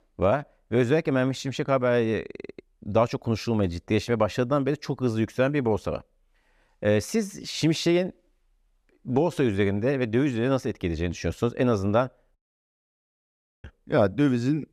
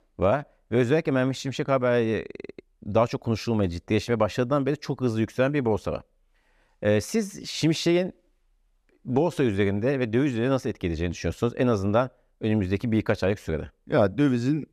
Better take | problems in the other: second | audio cutting out; at 12 s for 1.5 s

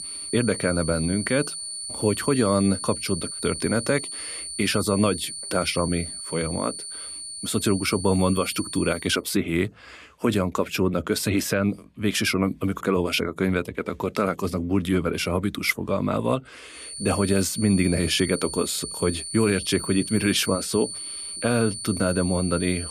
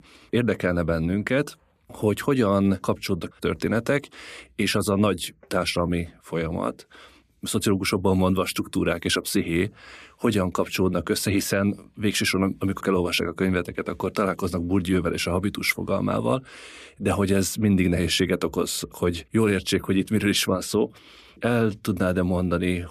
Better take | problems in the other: second | high-pitched whine; loud; until 9 s and from 17 s on; 9 kHz, 7 dB below the speech

